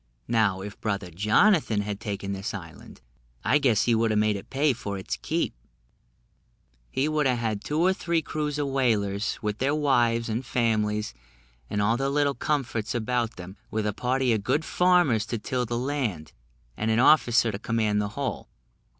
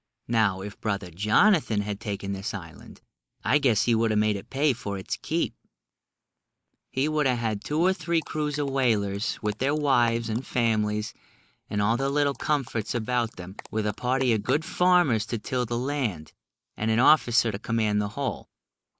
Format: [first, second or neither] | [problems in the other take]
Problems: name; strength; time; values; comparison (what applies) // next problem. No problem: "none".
first | noise reduction (neural mask model Resemble Enhance denoiser)